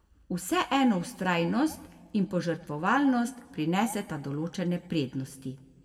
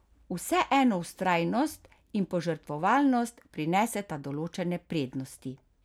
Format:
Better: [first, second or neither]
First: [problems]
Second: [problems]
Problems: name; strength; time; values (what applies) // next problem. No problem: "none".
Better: second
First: room echo; dies away in 0.9 s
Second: none